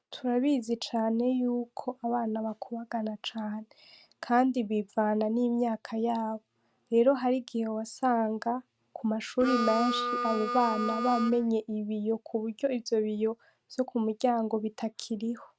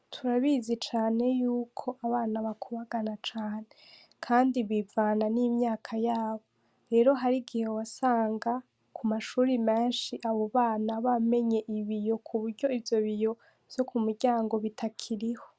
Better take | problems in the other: second | noise reduction (neural mask model RNNoise)

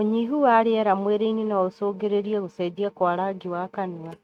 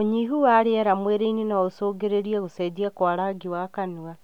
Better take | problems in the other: second | noise reduction (neural mask model RNNoise)

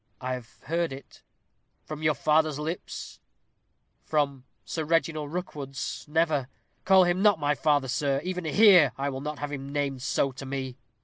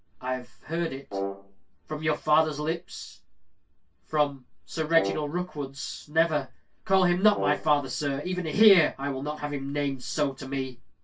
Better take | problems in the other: first | background sound (Brass instrument); 8 dB below the speech // room echo; dies away in 0.2 s

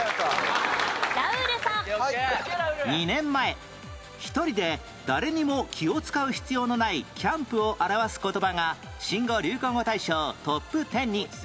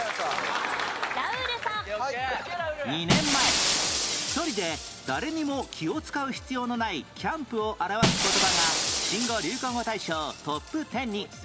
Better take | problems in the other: first | background sound (Shatter); 1 dB below the speech

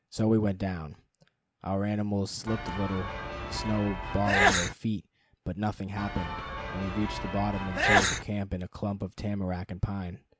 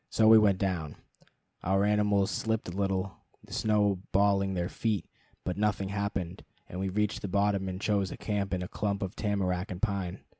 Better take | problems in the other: second | background sound (Sneeze / Church bell); 2 dB above the speech

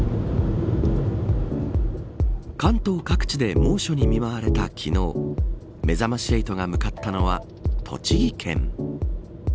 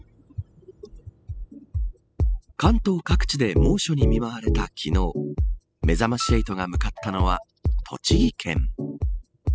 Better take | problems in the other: first | noise reduction (classical method spectral subtraction)

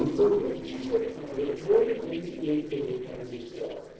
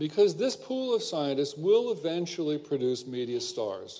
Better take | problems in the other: second | noise reduction (neural separator model SepFormer DNS4)

